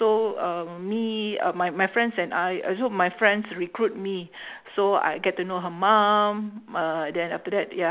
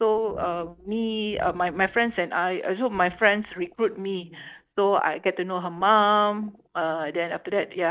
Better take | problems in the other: first | noise reduction (neural mask model DeepFilterNet 3)

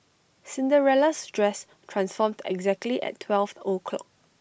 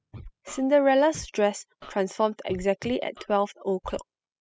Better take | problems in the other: first | noise reduction (classical method spectral subtraction)

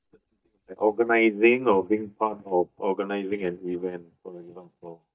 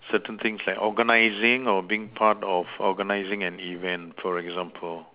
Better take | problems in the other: second | noise reduction (neural mask model DeepFilterNet 3)

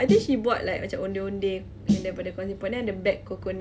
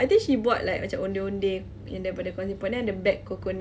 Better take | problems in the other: second | background sound (Snare drum); 5 dB below the speech

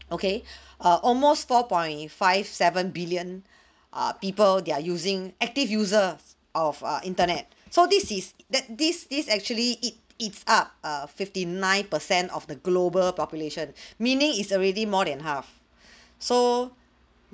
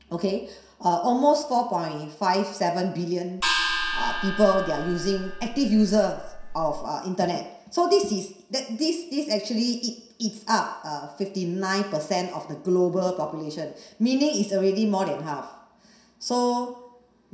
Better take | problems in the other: first | background sound (Gong); 4 dB below the speech // room echo; dies away in 0.7 s

